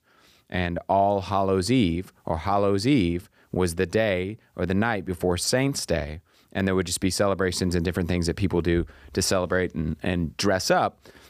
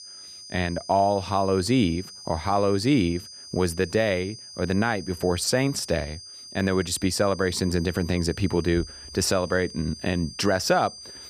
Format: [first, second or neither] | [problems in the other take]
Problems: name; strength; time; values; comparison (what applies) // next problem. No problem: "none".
first | high-pitched whine; noticeable; throughout; 5 kHz, 15 dB below the speech